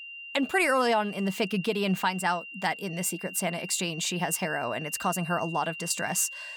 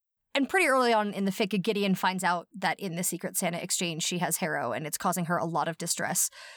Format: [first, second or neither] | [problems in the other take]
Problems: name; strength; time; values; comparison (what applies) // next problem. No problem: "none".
second | high-pitched whine; noticeable; throughout; 3 kHz, 10 dB below the speech